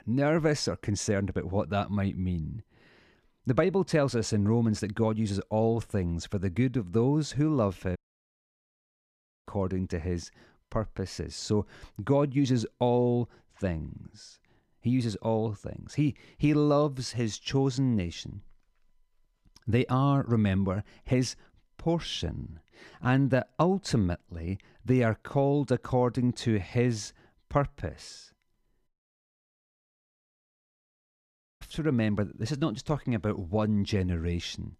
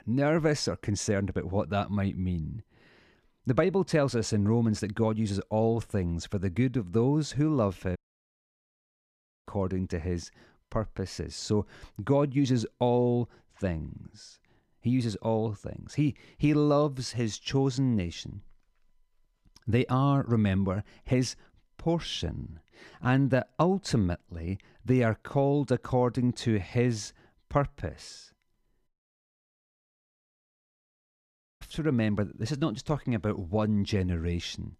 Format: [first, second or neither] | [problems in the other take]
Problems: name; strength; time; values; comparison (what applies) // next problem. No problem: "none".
neither | audio cutting out; at 8 s for 1.5 s and at 29 s for 2.5 s; the same in both